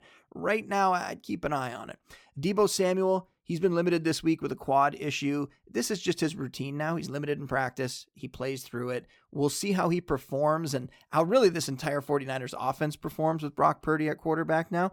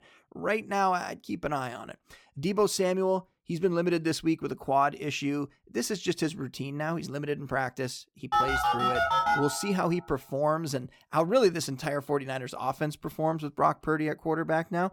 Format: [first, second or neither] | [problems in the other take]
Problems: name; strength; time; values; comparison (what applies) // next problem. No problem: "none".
first | phone ringing; loud; from 8.5 to 9.5 s; peak 5 dB above the speech